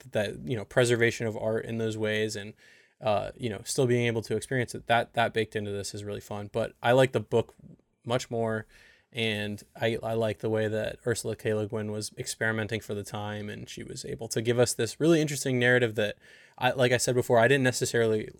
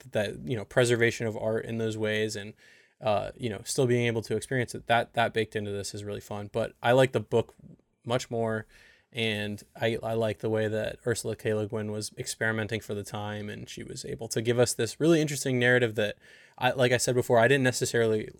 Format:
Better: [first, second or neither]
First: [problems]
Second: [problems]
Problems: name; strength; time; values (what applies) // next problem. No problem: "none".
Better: neither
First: none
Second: none